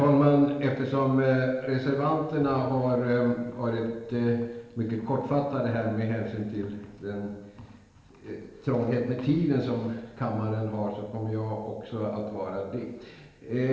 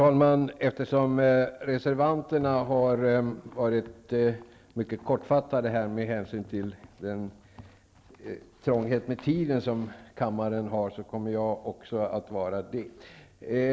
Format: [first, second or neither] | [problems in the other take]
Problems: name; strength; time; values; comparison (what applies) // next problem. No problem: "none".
second | room echo; dies away in 1.1 s